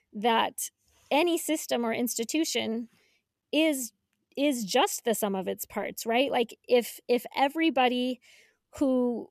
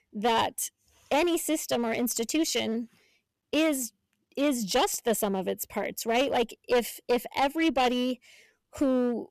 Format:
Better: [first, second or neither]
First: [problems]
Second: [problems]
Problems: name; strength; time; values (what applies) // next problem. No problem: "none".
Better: first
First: none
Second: distortion; slight; 7% of the sound clipped